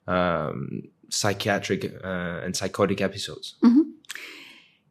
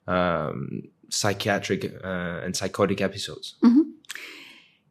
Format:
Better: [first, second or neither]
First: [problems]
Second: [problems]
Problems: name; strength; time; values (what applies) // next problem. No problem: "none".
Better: neither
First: none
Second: none